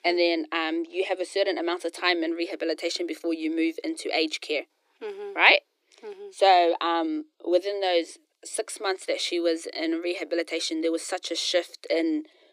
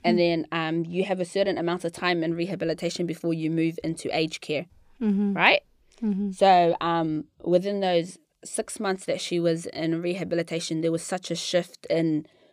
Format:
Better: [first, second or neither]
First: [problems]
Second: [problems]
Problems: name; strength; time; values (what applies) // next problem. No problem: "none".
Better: second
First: thin; very; fading below 300 Hz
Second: none